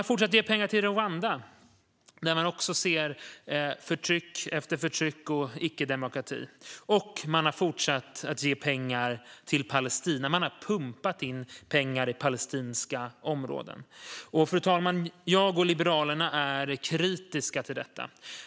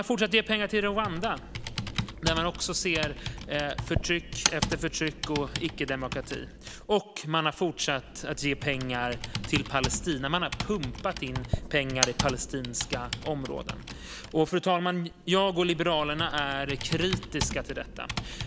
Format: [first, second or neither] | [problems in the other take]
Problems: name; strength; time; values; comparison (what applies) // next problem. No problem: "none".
first | background sound (Computer keyboard); 6 dB below the speech